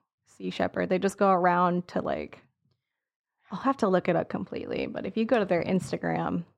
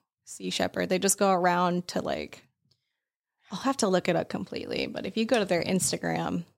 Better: second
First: muffled; very; fading above 4 kHz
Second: none

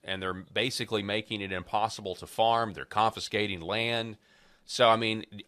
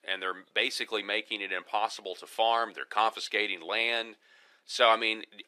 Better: first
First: none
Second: thin; somewhat; fading below 300 Hz

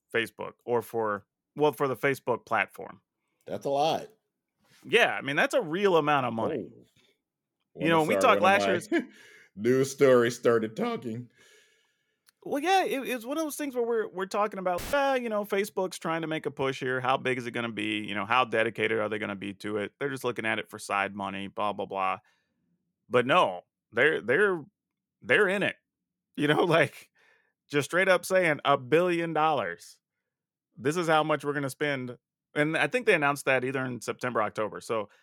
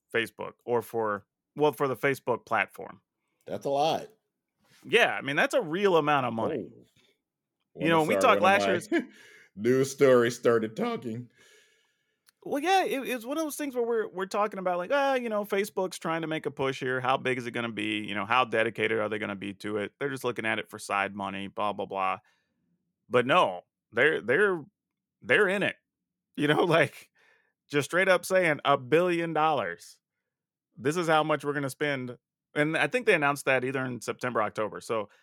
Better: second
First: audio cutting out; filled with static; at 15 s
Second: none

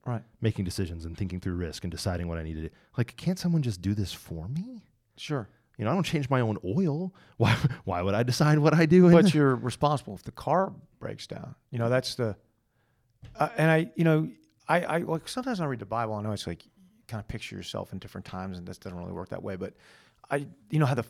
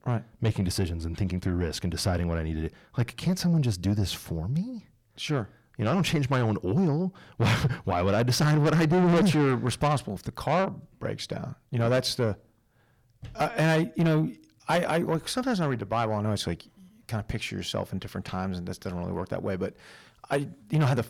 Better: first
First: none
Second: distortion; heavy; 6 dB below the speech

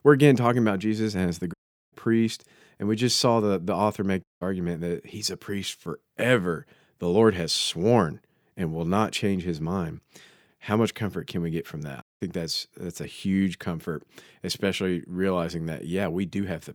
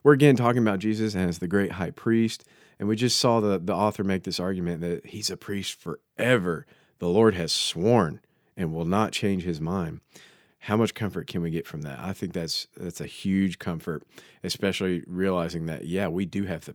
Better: second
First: audio cutting out; at 1.5 s, at 4 s and at 12 s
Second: none

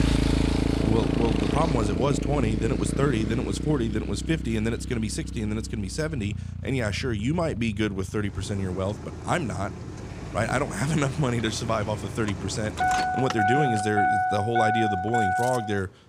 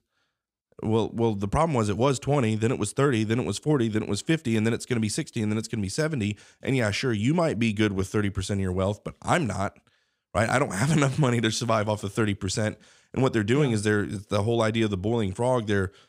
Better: second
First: traffic noise; loud; throughout; 1 dB below the speech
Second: none

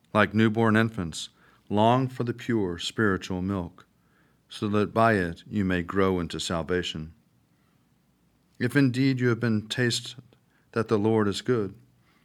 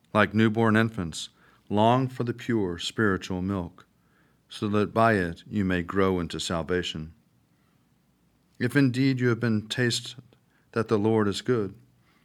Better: neither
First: none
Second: none

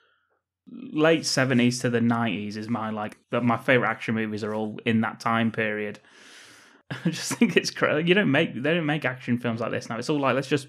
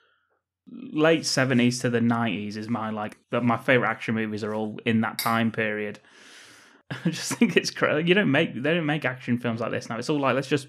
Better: first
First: none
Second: clattering dishes; noticeable; at 5 s; peak 8 dB below the speech

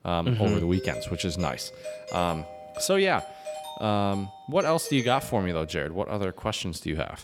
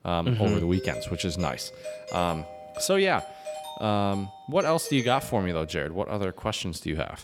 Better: neither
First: doorbell; noticeable; until 6 s; peak 9 dB below the speech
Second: doorbell; noticeable; until 6 s; peak 9 dB below the speech

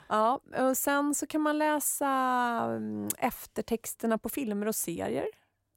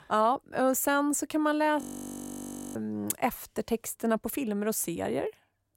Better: first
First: none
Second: audio freezing; at 2 s for 1 s

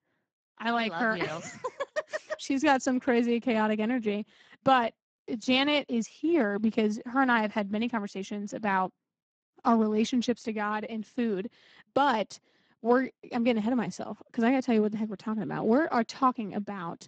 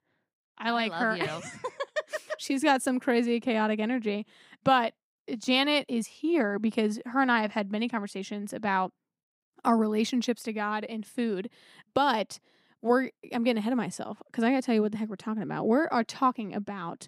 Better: second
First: garbled, watery; badly; nothing above 7.5 kHz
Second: none

